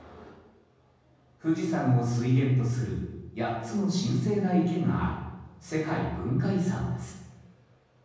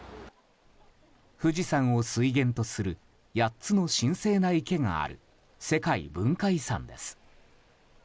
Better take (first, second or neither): second